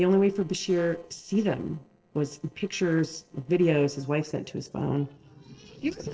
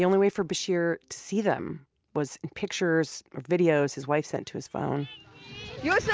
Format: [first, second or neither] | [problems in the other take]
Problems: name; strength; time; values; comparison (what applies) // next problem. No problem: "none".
second | noise reduction (neural separator model SepFormer DNS4)